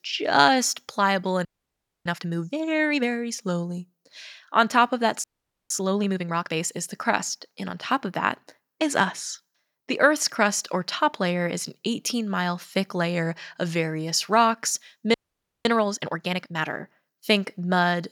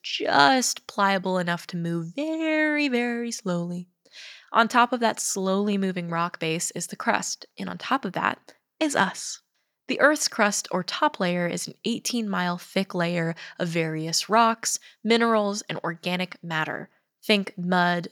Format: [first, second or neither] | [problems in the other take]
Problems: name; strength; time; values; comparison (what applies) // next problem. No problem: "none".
second | audio freezing; at 1.5 s for 0.5 s, at 5 s and at 15 s for 0.5 s